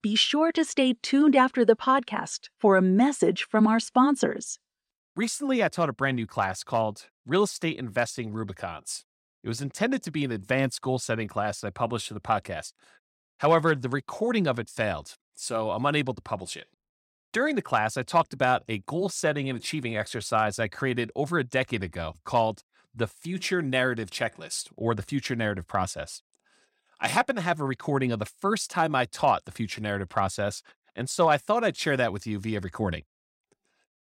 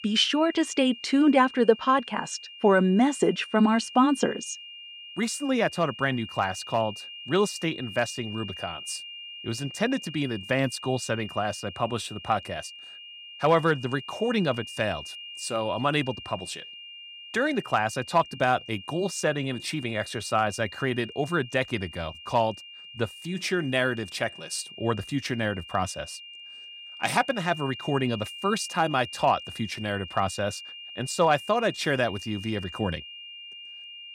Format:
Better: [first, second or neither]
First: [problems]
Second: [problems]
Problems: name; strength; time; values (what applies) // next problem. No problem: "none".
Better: first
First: none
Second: high-pitched whine; noticeable; throughout; 3 kHz, 15 dB below the speech